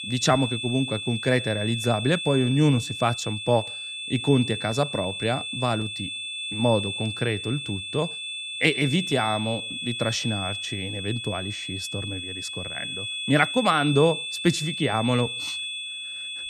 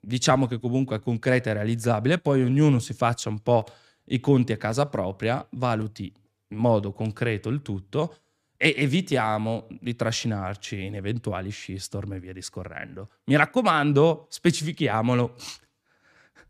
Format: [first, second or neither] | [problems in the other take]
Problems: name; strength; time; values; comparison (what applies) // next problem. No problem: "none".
second | high-pitched whine; loud; throughout; 3.5 kHz, 5 dB below the speech